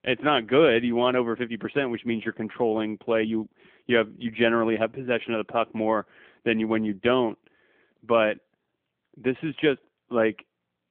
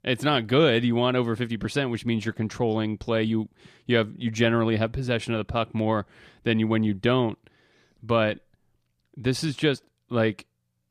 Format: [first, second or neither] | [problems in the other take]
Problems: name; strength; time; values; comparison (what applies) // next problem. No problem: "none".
second | phone-call audio; nothing above 3.5 kHz